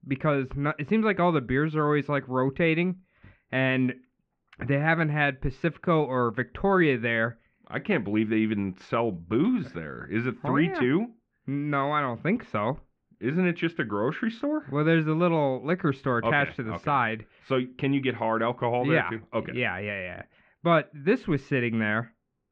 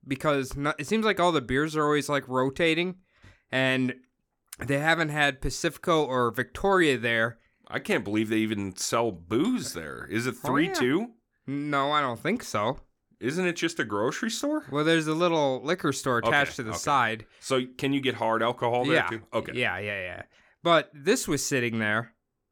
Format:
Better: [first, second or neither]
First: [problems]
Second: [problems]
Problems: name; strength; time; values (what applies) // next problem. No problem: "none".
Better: second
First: muffled; very; fading above 2.5 kHz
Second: none